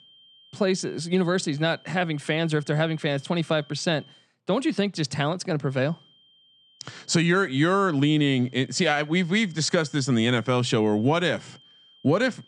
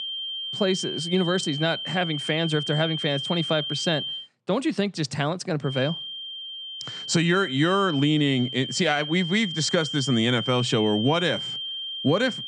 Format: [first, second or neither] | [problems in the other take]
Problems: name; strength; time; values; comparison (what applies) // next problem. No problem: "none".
first | high-pitched whine; loud; until 4 s and from 5.5 s on; 3 kHz, 6 dB below the speech; faint in the first